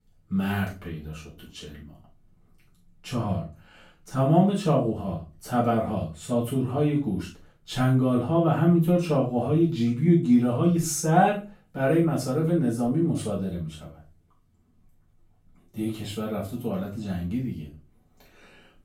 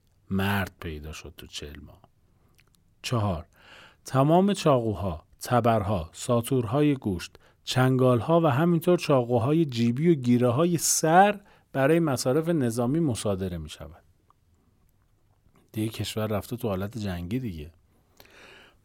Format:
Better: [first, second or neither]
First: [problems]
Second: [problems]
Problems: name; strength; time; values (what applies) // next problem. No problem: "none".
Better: second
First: room echo; noticeable; dies away in 0.3 s // off-mic speech; far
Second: none